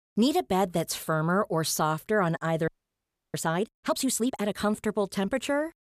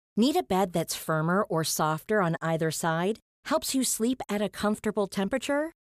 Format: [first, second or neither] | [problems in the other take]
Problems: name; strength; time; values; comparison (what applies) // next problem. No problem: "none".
second | audio freezing; at 2.5 s for 0.5 s